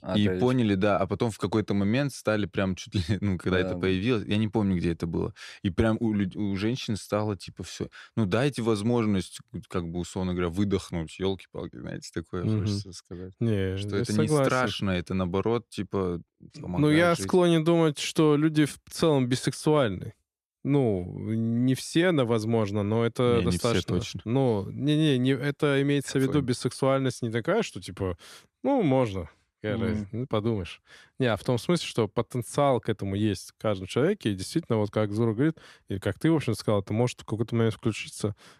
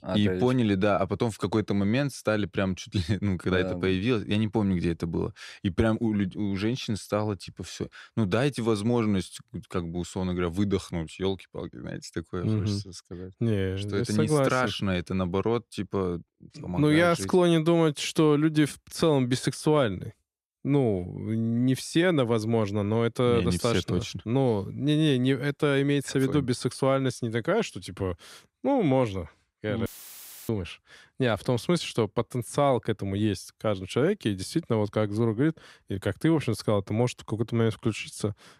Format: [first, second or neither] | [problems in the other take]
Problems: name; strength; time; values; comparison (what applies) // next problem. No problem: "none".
first | audio cutting out; filled with static; at 30 s for 0.5 s